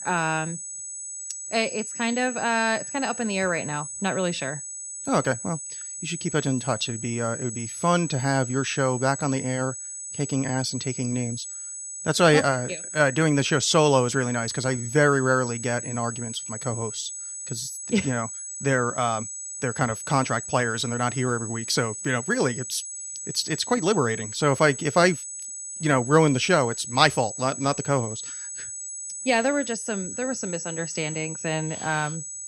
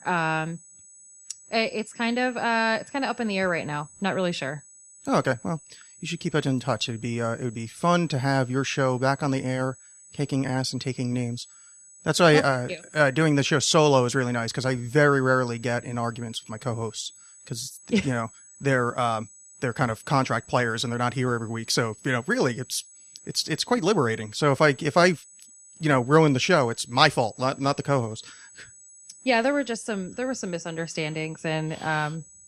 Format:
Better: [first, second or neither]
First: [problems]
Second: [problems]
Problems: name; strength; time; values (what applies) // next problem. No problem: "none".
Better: second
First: high-pitched whine; loud; throughout; 8 kHz, 8 dB below the speech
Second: high-pitched whine; faint; throughout; 8 kHz, 20 dB below the speech